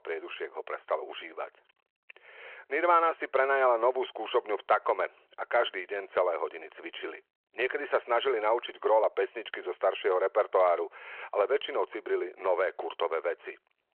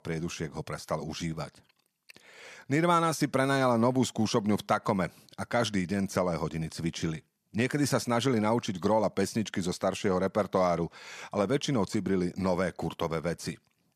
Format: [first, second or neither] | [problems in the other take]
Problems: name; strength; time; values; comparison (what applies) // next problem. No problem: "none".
second | phone-call audio